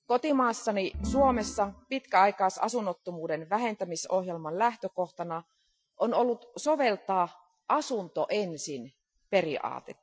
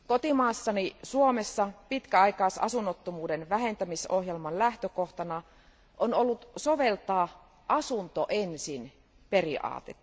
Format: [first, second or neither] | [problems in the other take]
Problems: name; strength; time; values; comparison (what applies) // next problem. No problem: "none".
second | noise reduction (classical method Wiener filter)